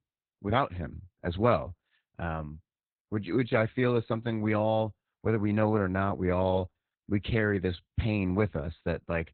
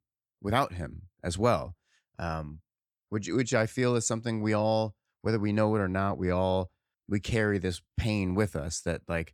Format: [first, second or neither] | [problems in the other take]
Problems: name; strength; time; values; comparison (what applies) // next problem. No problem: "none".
second | garbled, watery; badly; nothing above 4 kHz